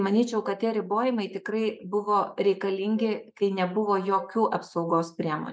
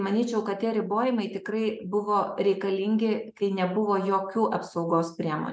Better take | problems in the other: second | noise reduction (neural mask model DeepFilterNet 3)

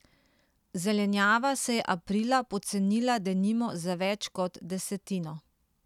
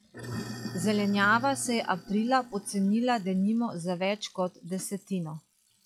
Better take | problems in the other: first | noise reduction (classical method log-MMSE)

